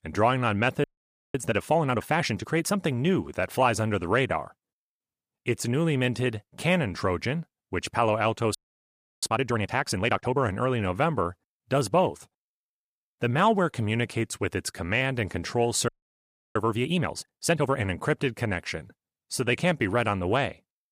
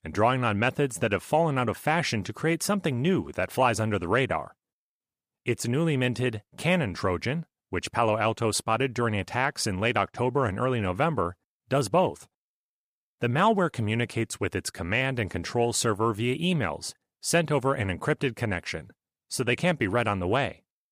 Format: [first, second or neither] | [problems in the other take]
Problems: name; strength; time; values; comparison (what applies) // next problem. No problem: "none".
second | audio freezing; at 1 s for 0.5 s, at 8.5 s for 0.5 s and at 16 s for 0.5 s